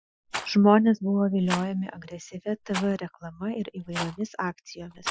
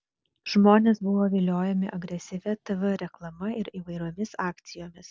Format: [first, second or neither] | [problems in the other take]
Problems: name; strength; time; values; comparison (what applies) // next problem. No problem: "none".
second | noise reduction (classical method Wiener filter)